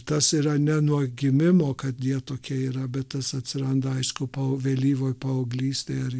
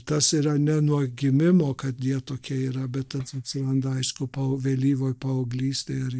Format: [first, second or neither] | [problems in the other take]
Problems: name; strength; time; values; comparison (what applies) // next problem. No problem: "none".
first | noise reduction (neural mask model DeepFilterNet 3)